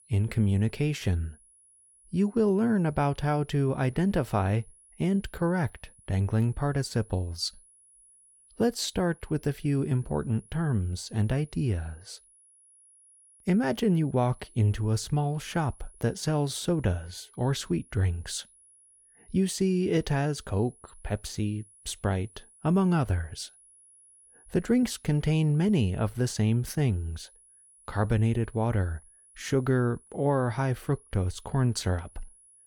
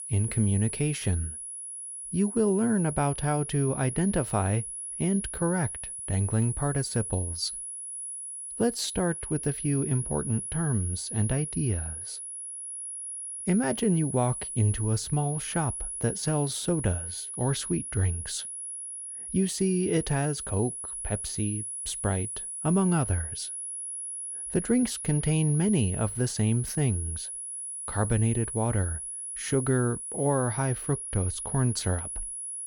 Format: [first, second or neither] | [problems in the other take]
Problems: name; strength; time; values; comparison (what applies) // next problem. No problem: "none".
first | high-pitched whine; loud; throughout; 10.5 kHz, 6 dB below the speech; faint in the first